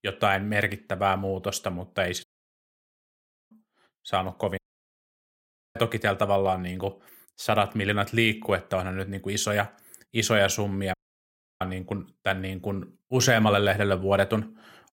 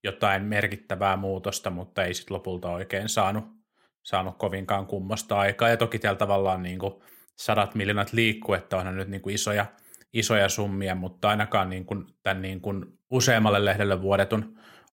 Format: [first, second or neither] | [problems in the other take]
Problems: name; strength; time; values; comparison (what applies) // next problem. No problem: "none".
second | audio cutting out; at 2 s for 1.5 s, at 4.5 s for 1 s and at 11 s for 0.5 s